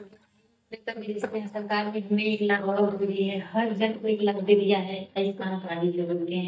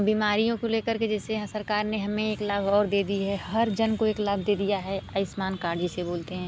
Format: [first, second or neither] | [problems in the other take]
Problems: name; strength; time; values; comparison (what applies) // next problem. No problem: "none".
second | noise reduction (neural mask model DeepFilterNet 3)